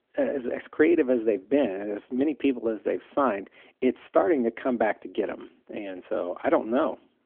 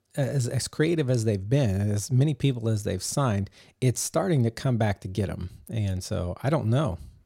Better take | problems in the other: second | phone-call audio

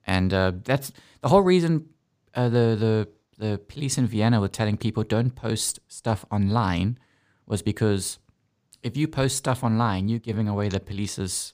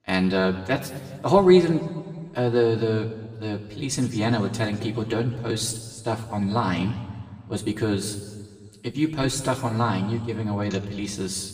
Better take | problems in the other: first | room echo; slight; dies away in 1.3 s // off-mic speech; far

